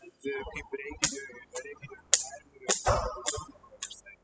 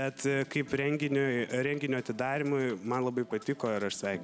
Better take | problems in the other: second | noise reduction (classical method spectral subtraction)

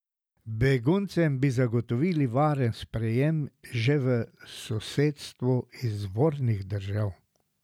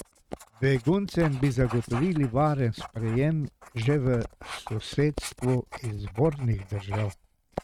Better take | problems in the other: first | noise reduction (neural mask model RNNoise)

